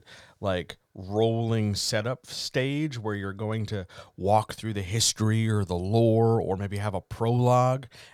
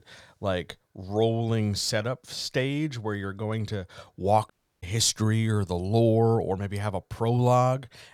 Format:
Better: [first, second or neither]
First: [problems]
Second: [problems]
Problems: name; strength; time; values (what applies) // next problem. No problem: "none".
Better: first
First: none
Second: audio cutting out; at 4.5 s